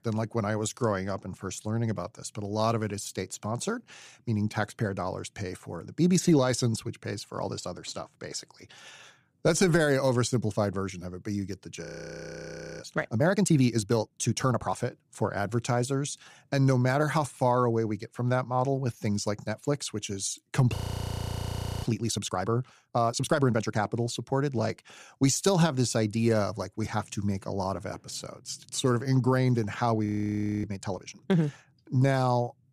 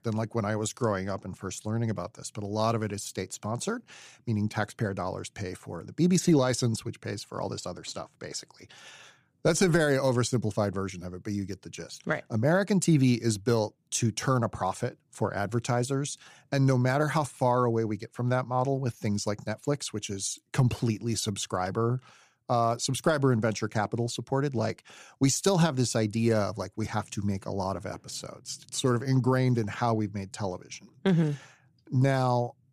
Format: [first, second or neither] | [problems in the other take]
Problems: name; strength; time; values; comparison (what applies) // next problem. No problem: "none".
second | audio freezing; at 12 s for 1 s, at 21 s for 1 s and at 30 s for 0.5 s